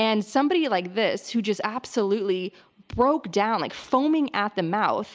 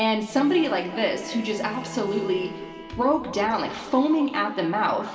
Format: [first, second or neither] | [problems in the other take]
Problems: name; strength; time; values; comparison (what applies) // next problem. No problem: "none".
first | background sound (Bowed string instrument); 16 dB below the speech // room echo; dies away in 2.5 s